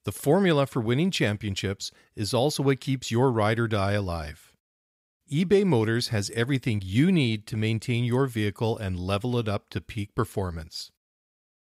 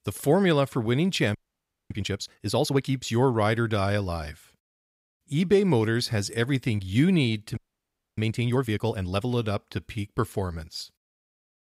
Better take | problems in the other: first | audio freezing; at 1.5 s for 0.5 s and at 7.5 s for 0.5 s

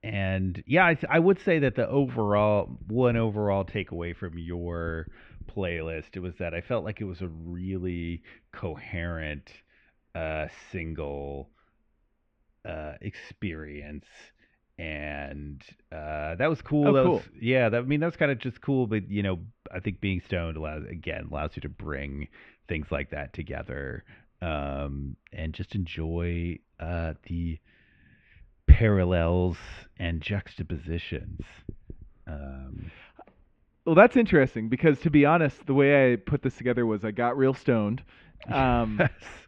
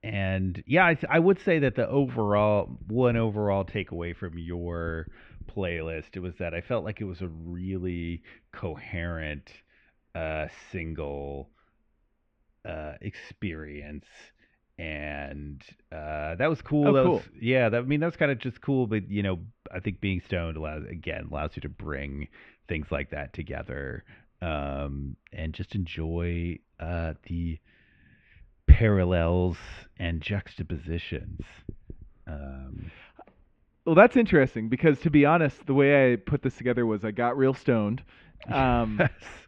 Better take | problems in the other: neither | muffled; very; fading above 2.5 kHz; the same in both

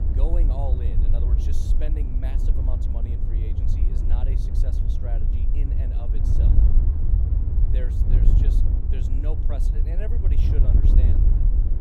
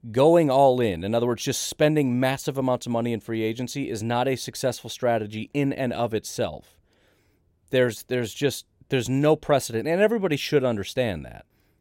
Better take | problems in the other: second | wind noise on the microphone; heavy; 2 dB above the speech

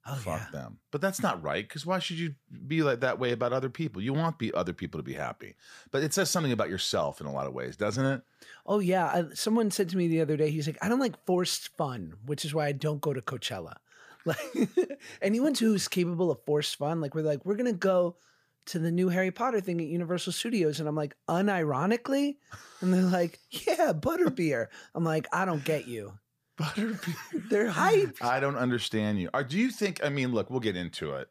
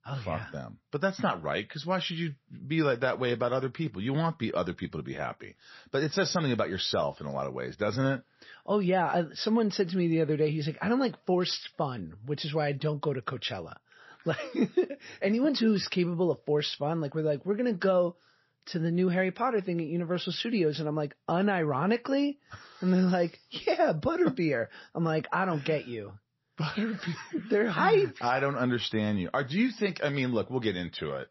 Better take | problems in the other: first | garbled, watery; slightly; nothing above 5.5 kHz

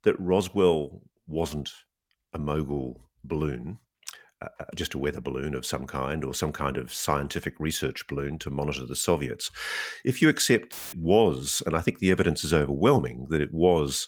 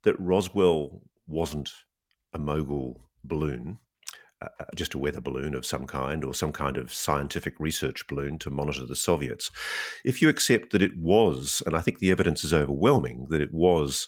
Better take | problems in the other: second | audio cutting out; filled with static; at 11 s

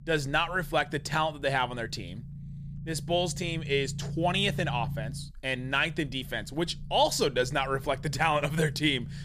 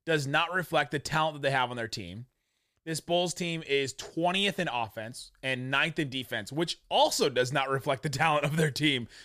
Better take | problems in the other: second | low rumble; faint; throughout; 25 dB below the speech

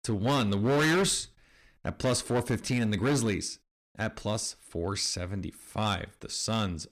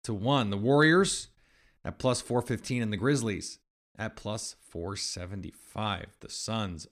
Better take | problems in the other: second | distortion; heavy; 9% of the sound clipped

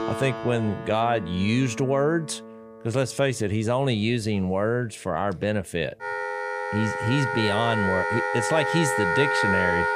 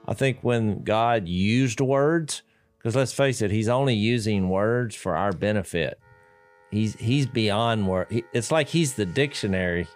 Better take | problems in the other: second | background music; loud; throughout; 2 dB below the speech; faint in the second

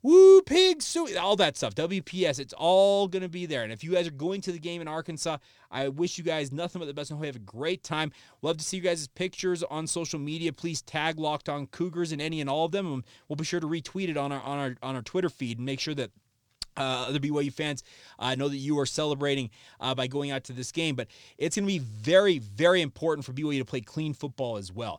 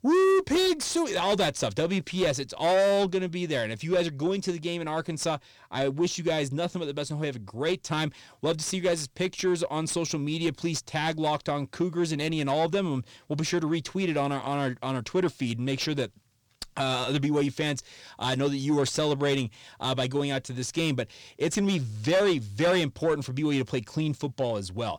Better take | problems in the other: first | distortion; heavy; 5 dB below the speech

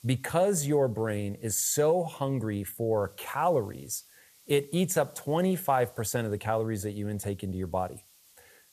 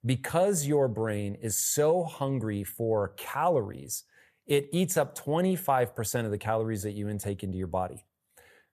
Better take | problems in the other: second | hiss; faint; throughout; 30 dB below the speech

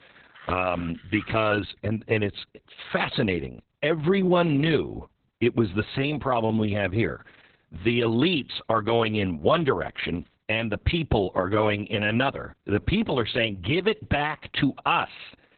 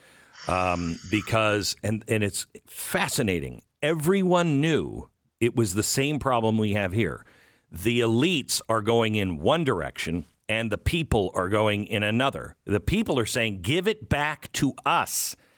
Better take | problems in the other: second | garbled, watery; badly; nothing above 4 kHz; slightly in the second

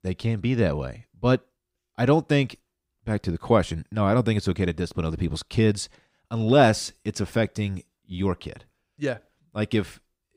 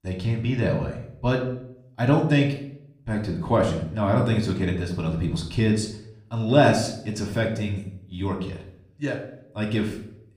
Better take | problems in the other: first | room echo; slight; dies away in 0.5 s // off-mic speech; somewhat distant

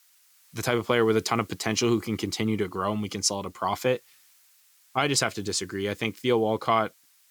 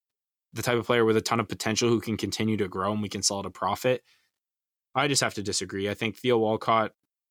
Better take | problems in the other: second | hiss; faint; throughout; 30 dB below the speech

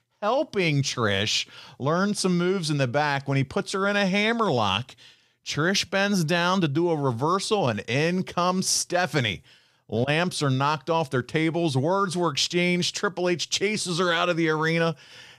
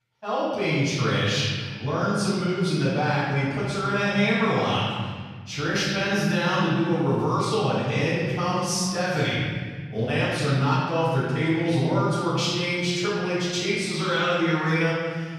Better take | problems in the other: first | room echo; strong; dies away in 1.9 s // off-mic speech; far

